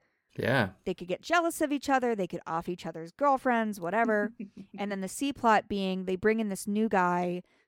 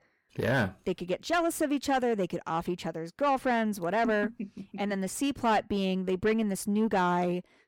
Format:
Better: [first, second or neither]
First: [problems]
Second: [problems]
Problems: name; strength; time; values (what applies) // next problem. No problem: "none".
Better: first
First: none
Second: distortion; slight; 10 dB below the speech